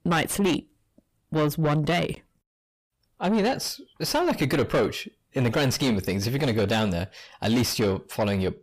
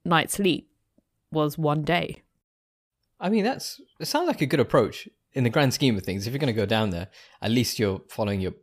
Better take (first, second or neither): second